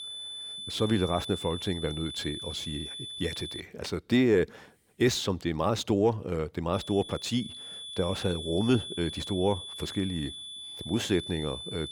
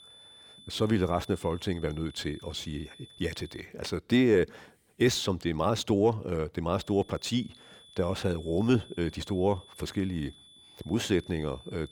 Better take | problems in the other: second | high-pitched whine; loud; until 3.5 s and from 6.5 s on; 3.5 kHz, 8 dB below the speech; faint in the second

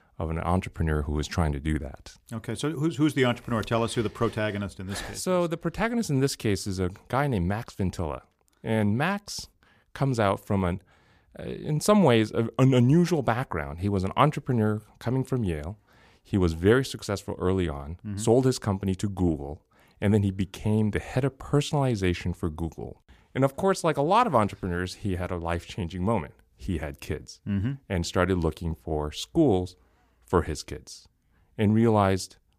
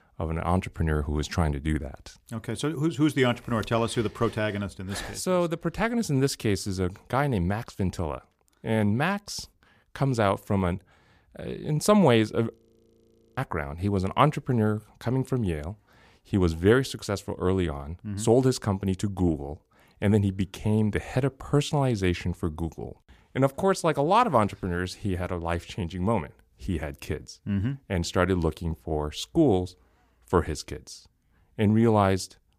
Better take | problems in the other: first | audio freezing; at 13 s for 1 s

